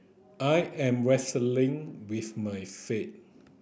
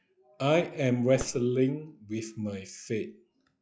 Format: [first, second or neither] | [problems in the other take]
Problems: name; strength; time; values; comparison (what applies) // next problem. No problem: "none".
first | noise reduction (classical method log-MMSE)